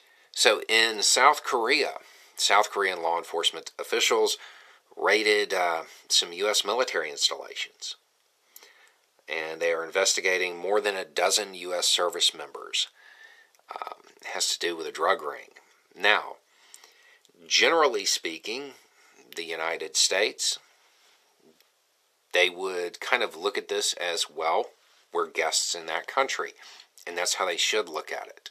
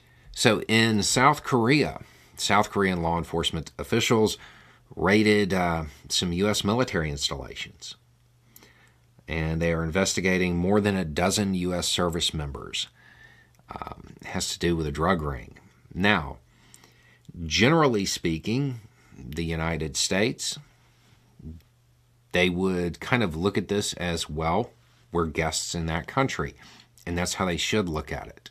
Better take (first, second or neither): second